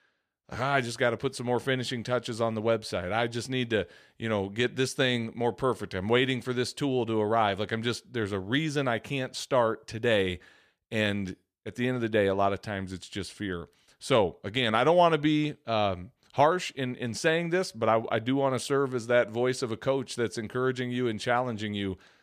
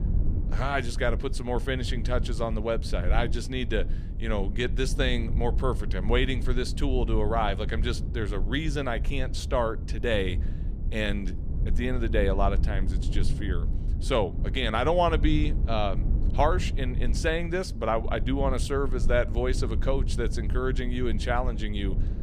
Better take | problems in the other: first | low rumble; noticeable; throughout; 15 dB below the speech

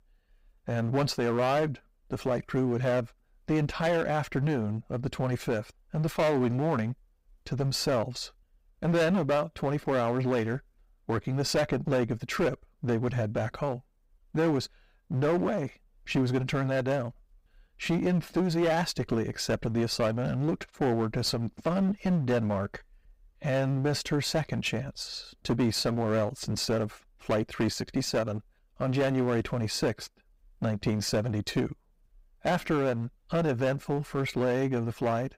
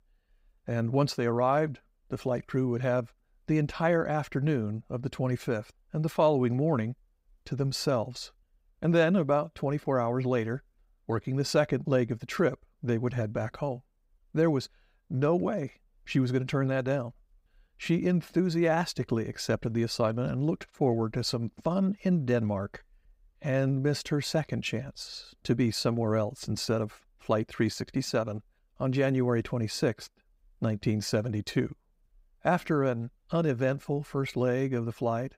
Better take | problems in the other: second | distortion; heavy; 12% of the sound clipped

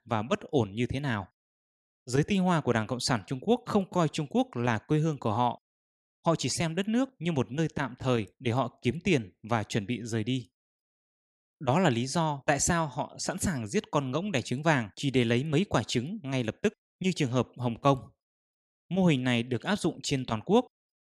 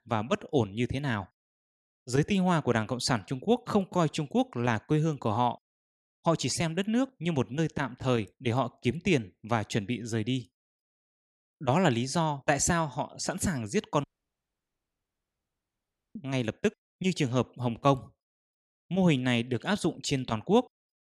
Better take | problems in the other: first | audio cutting out; at 14 s for 2 s

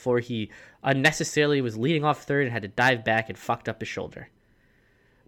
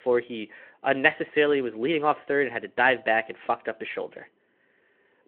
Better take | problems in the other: first | phone-call audio

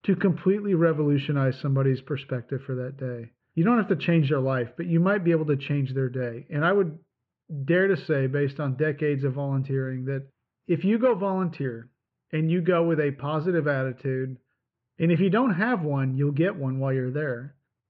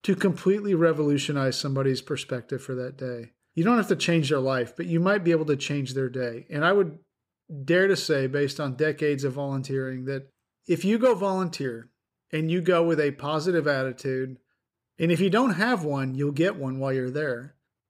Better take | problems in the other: second | muffled; very; fading above 3 kHz

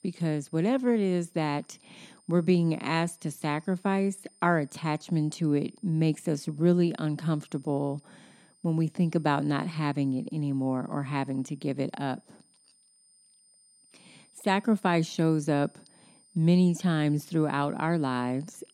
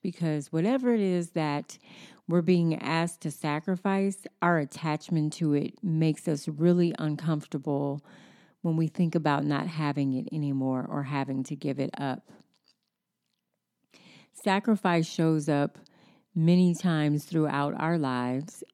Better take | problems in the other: second | high-pitched whine; faint; throughout; 9 kHz, 30 dB below the speech

